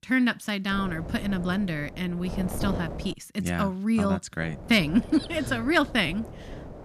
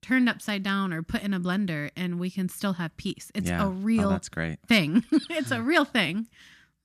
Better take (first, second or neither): second